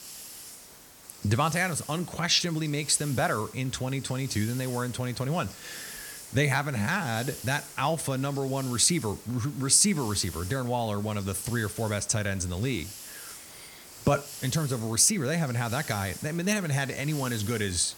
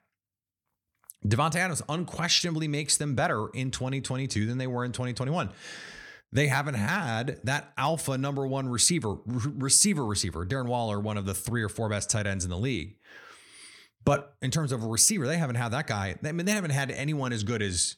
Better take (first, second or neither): second